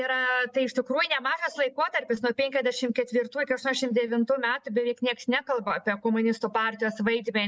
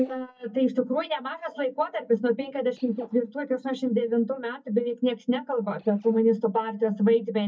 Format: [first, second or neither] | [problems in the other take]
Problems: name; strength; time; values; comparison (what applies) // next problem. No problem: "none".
first | noise reduction (neural mask model DeepFilterNet 3)